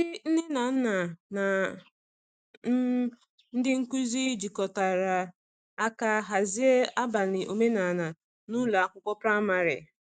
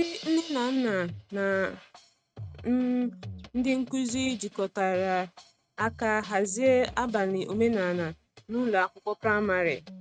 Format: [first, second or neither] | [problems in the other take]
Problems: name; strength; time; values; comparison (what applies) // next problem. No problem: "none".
first | noise reduction (neural mask model RNNoise)